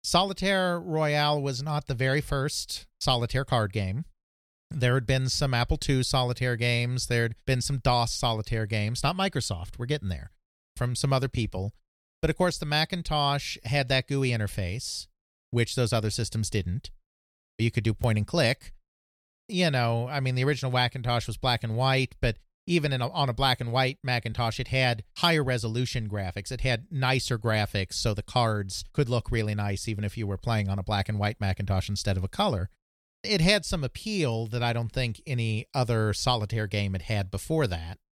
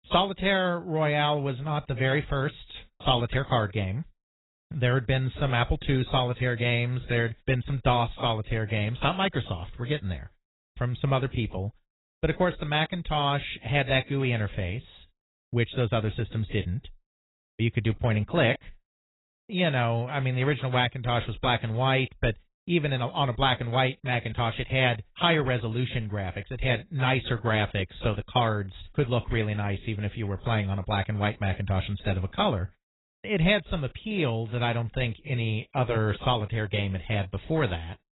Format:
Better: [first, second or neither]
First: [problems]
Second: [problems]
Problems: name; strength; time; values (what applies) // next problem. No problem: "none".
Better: first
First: none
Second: garbled, watery; badly; nothing above 4 kHz